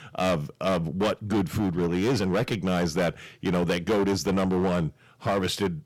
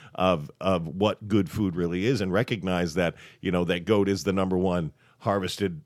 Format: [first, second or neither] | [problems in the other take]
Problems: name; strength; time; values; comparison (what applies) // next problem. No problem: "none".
second | distortion; heavy; 13% of the sound clipped